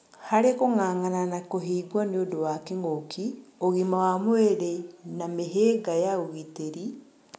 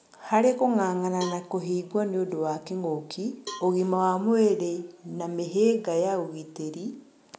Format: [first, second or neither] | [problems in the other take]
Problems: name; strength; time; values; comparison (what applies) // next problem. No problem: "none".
first | background sound (Cowbell); 20 dB below the speech